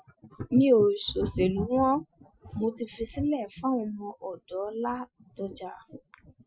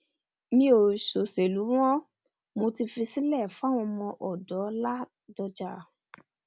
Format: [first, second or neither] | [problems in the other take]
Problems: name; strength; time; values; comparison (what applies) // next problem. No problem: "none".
second | noise reduction (classical method Wiener filter)